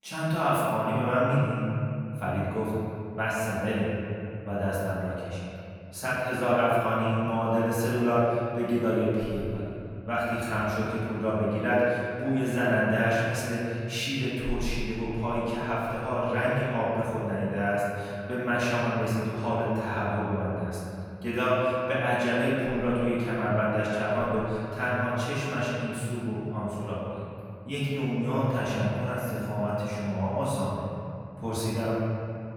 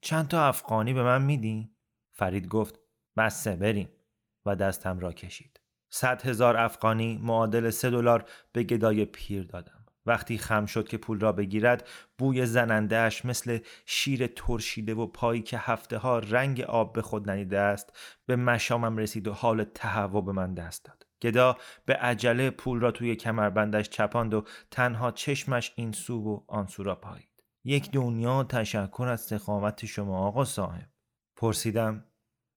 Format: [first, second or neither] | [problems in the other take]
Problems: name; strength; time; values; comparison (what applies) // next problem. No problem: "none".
second | off-mic speech; far // room echo; strong; dies away in 2.6 s